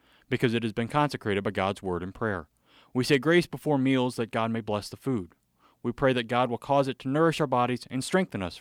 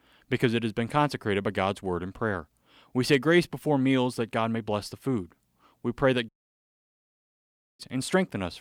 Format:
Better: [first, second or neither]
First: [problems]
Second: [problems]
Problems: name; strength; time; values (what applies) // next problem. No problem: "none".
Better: first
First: none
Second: audio cutting out; at 6.5 s for 1.5 s